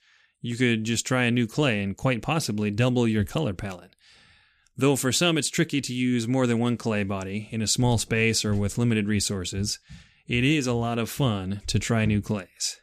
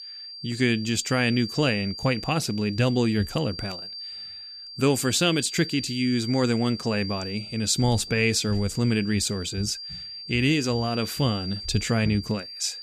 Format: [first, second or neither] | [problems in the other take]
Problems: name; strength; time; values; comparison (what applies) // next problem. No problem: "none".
first | high-pitched whine; noticeable; throughout; 4.5 kHz, 10 dB below the speech